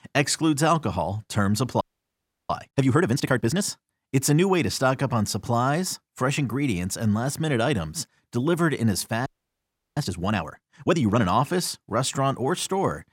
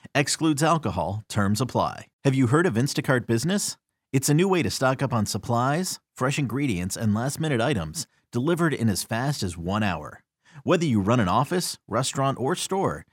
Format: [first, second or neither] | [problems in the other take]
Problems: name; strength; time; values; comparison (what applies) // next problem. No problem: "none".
second | audio freezing; at 2 s for 0.5 s and at 9.5 s for 0.5 s